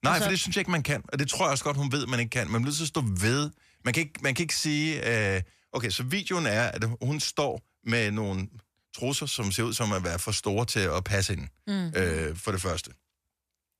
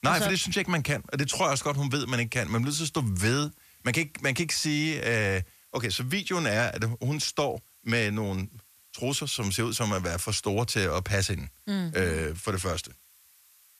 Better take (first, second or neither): first